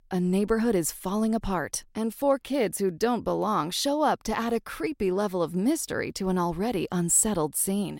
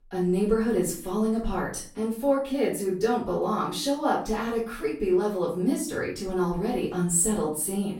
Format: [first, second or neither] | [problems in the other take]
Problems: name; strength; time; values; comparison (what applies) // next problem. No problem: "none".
first | room echo; noticeable; dies away in 0.4 s // off-mic speech; far